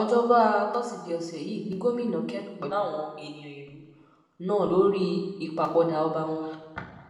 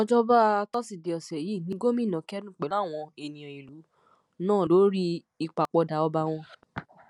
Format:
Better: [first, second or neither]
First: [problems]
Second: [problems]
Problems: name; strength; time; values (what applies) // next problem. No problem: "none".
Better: second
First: room echo; dies away in 1.2 s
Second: none